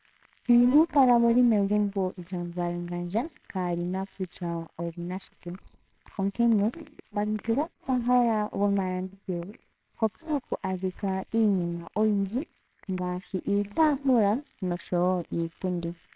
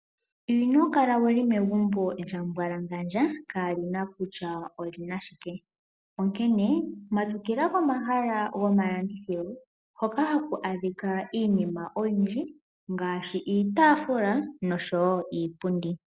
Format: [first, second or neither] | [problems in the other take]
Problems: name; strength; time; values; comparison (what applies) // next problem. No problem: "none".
second | noise reduction (neural separator model SepFormer WHAMR!)